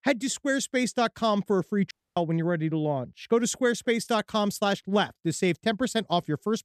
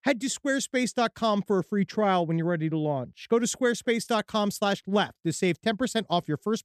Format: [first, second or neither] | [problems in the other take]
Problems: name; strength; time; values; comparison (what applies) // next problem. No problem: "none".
second | audio cutting out; at 2 s